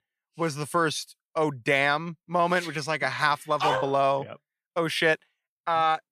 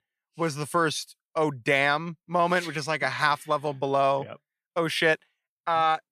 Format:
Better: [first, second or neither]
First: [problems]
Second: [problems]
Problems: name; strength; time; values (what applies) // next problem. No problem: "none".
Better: second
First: dog barking; noticeable; at 3.5 s; peak level with the speech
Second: none